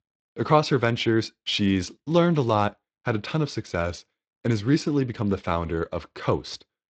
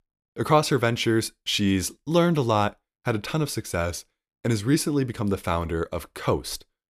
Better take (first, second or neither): second